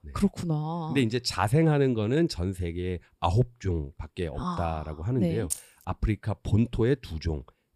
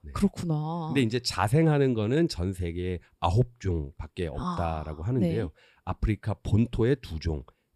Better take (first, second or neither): second